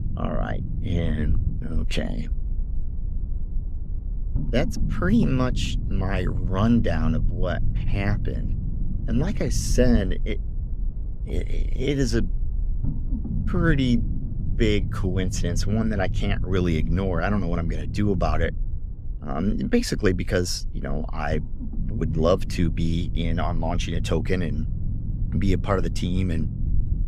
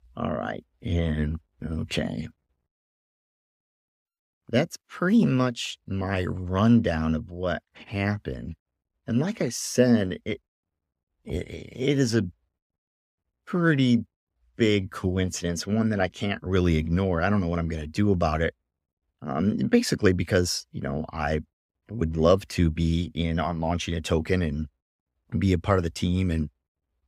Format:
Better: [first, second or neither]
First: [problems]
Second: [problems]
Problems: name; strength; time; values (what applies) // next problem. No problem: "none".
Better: second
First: low rumble; noticeable; throughout; 15 dB below the speech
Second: none